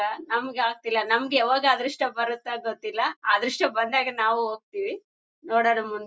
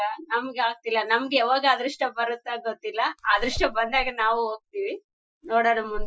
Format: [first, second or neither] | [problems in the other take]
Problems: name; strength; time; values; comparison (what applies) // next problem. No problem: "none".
first | noise reduction (classical method Wiener filter)